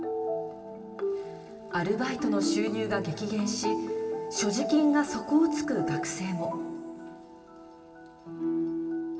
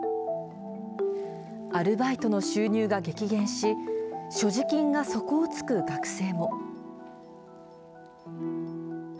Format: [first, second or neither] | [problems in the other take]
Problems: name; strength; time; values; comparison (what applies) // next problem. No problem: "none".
second | room echo; dies away in 2.2 s